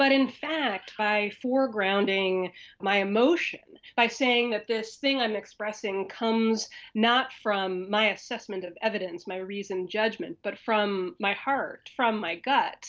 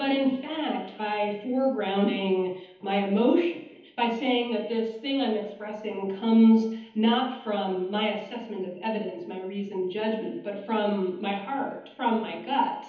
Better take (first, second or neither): first